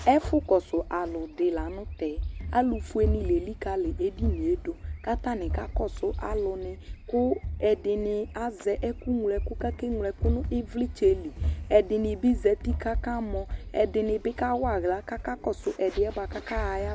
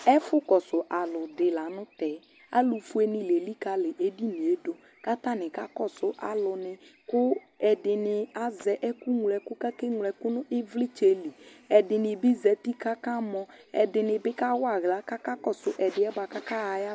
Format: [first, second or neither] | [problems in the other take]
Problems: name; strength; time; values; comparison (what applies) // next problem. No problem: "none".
second | background sound (Run); 6 dB below the speech